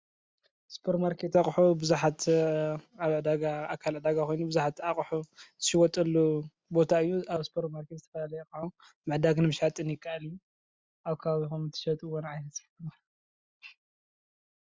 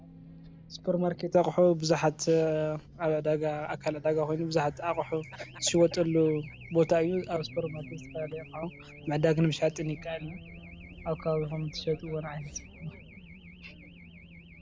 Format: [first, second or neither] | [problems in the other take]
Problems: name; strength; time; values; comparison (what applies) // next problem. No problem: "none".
first | background sound (Race car, auto racing / Alarm); 17 dB below the speech